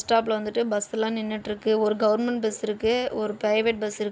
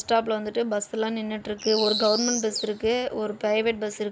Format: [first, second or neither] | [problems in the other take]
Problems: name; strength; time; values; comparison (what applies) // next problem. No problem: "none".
first | background sound (Bird); 4 dB below the speech